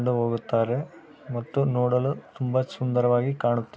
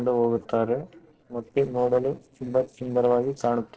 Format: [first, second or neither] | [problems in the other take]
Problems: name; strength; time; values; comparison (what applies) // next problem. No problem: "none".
first | noise reduction (neural separator model SepFormer DNS4)